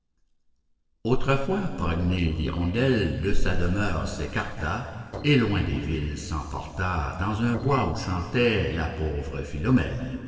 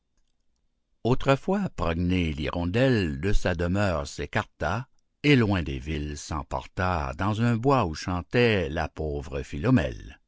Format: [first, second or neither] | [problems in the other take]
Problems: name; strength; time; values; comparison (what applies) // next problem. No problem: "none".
second | noise reduction (neural separator model SepFormer DNS4)